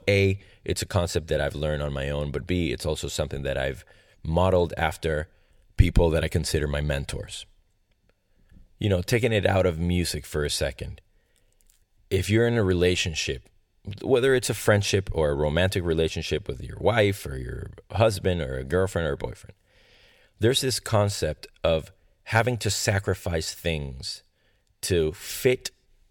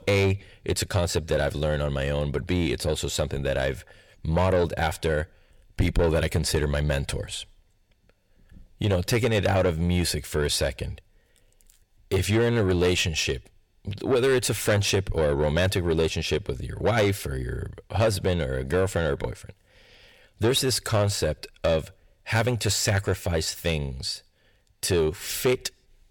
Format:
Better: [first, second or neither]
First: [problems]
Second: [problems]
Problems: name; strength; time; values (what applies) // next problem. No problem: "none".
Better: first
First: none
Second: distortion; slight; 10 dB below the speech